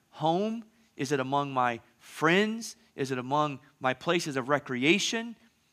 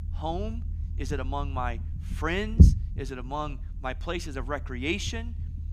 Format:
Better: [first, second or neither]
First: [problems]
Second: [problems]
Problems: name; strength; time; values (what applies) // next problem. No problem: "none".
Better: first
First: none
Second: low rumble; loud; throughout; 8 dB below the speech